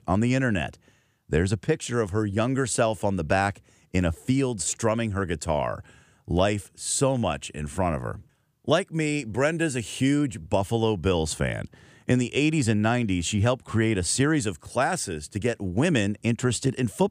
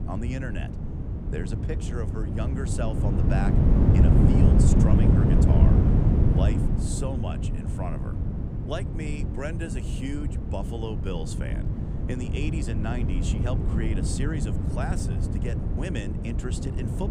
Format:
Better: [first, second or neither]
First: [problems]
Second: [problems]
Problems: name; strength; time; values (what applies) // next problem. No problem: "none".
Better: first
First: none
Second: wind noise on the microphone; heavy; 2 dB above the speech